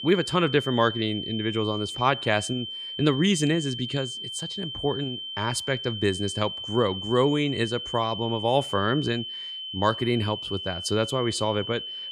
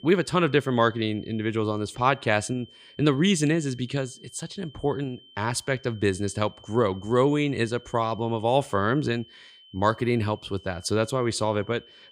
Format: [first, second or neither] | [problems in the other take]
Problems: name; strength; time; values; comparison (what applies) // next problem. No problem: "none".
second | high-pitched whine; loud; throughout; 3 kHz, 6 dB below the speech; faint in the second